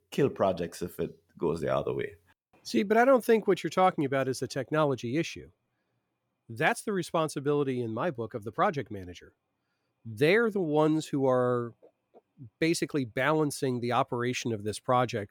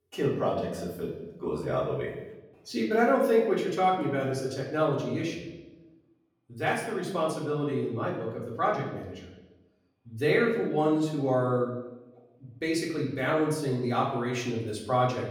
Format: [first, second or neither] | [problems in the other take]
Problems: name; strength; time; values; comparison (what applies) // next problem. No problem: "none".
first | off-mic speech; far // room echo; noticeable; dies away in 0.9 s